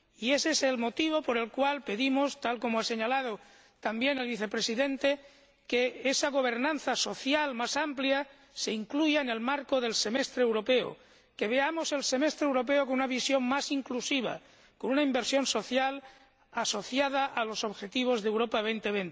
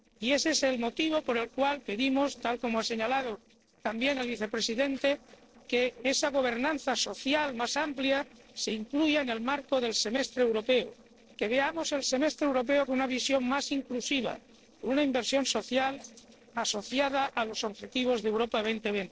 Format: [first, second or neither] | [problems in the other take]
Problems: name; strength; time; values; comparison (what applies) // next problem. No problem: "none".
first | noise reduction (neural separator model SepFormer DNS4)